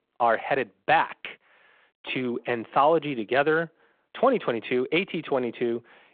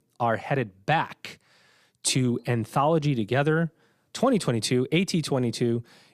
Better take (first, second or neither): second